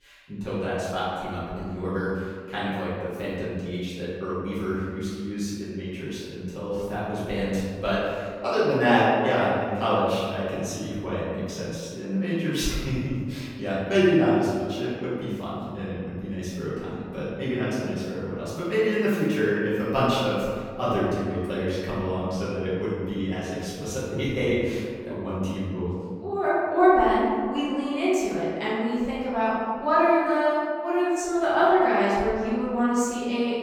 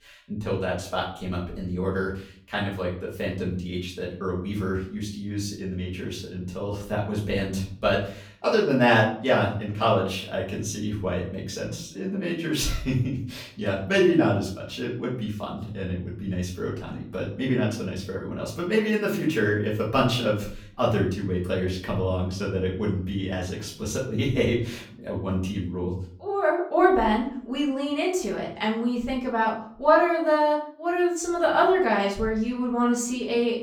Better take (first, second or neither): second